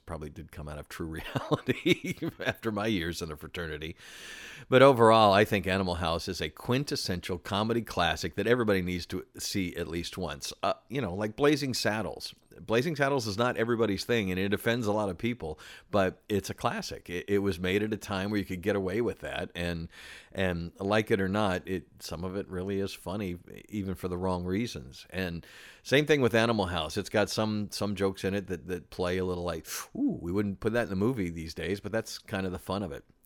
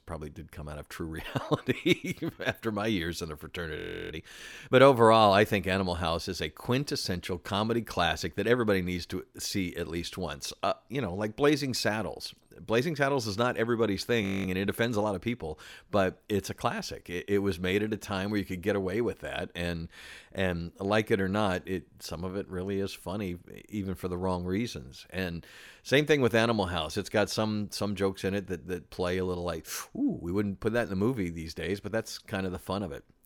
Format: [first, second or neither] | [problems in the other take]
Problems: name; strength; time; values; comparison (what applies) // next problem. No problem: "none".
first | audio freezing; at 4 s and at 14 s